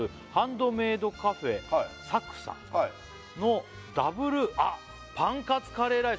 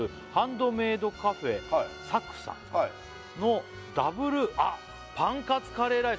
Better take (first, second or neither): first